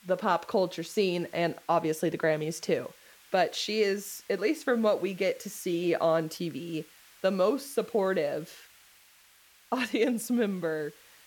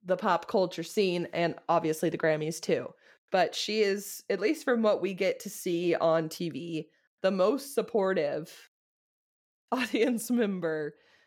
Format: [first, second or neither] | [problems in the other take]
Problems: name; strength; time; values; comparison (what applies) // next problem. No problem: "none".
second | hiss; faint; throughout; 25 dB below the speech